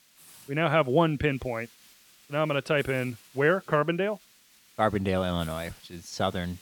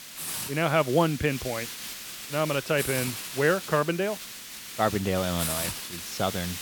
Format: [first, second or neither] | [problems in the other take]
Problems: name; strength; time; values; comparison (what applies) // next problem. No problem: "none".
first | hiss; loud; throughout; 7 dB below the speech; faint in the first